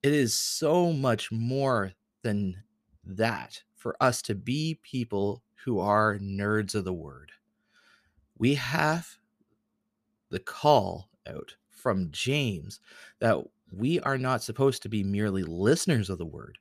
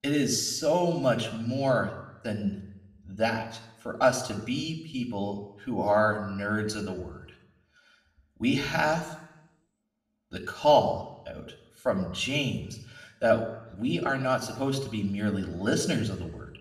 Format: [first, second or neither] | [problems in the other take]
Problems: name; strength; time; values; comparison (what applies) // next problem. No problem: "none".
first | room echo; slight; dies away in 0.7 s // off-mic speech; somewhat distant